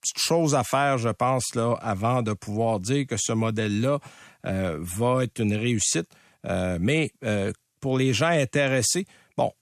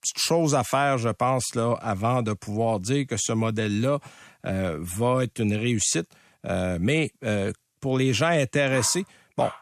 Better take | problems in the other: first | dog barking; faint; at 8.5 s; peak 10 dB below the speech

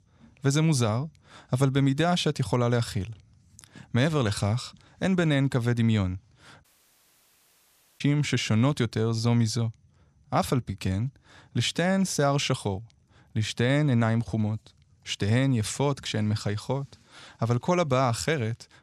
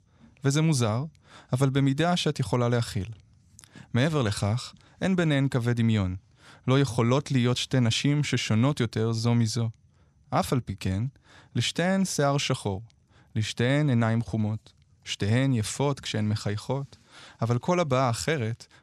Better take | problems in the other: second | audio cutting out; at 6.5 s for 1.5 s

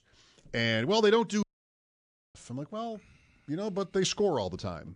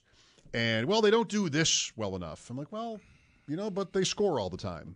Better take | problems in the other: second | audio cutting out; at 1.5 s for 1 s

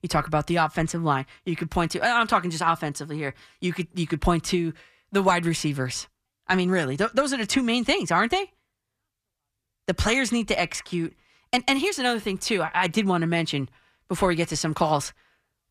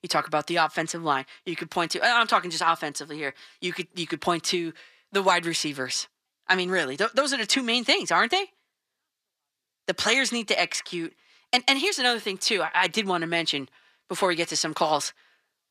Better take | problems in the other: first | thin; somewhat; fading below 300 Hz

